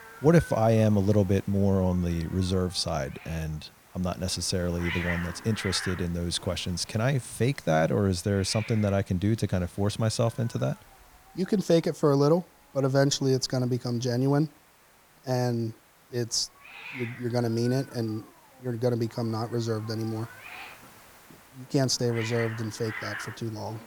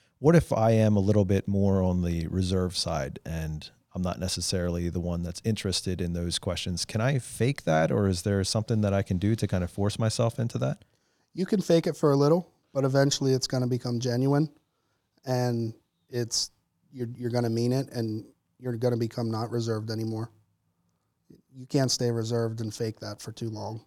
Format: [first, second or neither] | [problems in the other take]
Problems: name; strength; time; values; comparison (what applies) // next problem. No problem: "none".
second | hiss; noticeable; throughout; 15 dB below the speech